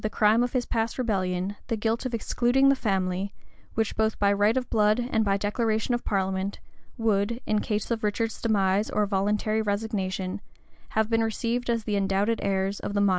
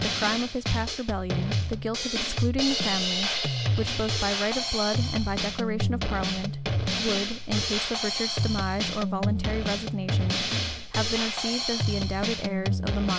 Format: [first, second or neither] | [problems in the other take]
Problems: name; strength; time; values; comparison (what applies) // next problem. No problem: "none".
first | background sound (Drum kit); 2 dB above the speech